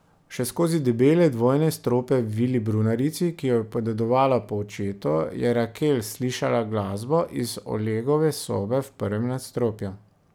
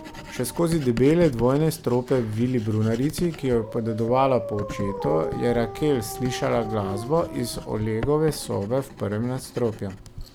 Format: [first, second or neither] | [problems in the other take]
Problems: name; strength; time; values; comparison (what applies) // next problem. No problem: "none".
first | background sound (Writing + Dog); 11 dB below the speech